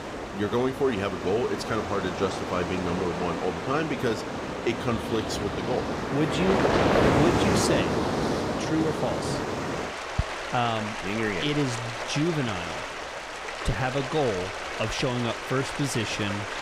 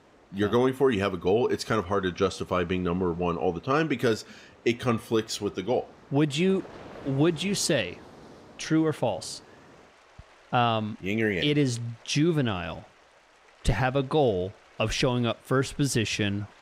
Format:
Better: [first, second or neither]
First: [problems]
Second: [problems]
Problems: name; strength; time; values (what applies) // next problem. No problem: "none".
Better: second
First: rain or running water; loud; throughout; as loud as the speech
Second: rain or running water; faint; throughout; 25 dB below the speech